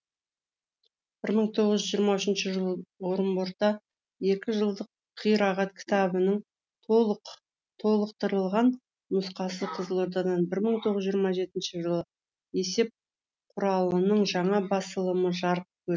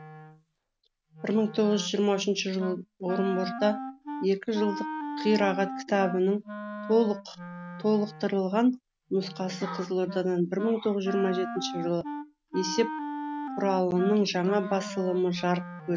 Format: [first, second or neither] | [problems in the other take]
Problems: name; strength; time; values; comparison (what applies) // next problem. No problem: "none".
first | background sound (Wind instrument, woodwind instrument); 10 dB below the speech